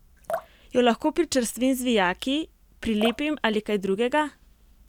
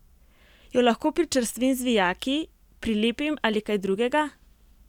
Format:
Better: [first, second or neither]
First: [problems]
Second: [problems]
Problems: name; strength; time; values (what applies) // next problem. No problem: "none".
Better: second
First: background sound (Drip); 14 dB below the speech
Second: none